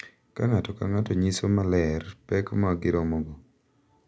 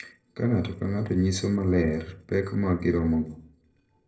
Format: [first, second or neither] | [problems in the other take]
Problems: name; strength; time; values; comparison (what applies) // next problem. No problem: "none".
first | noise reduction (neural separator model SepFormer DNS4)